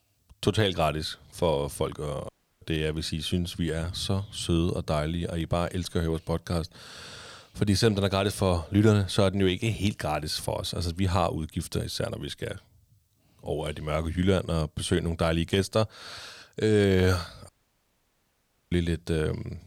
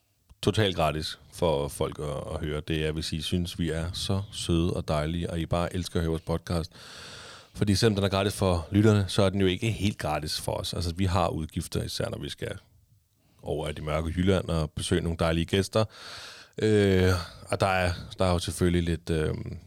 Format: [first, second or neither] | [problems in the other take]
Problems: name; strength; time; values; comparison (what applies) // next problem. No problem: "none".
second | audio cutting out; at 2.5 s and at 17 s for 1 s